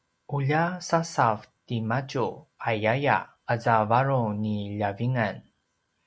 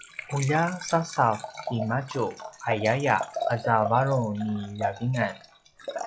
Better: first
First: none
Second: noise reduction (classical method log-MMSE)

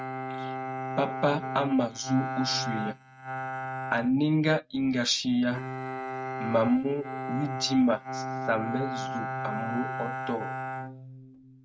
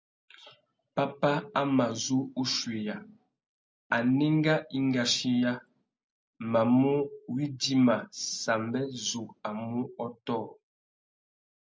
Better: second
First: noise reduction (neural mask model RNNoise)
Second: none

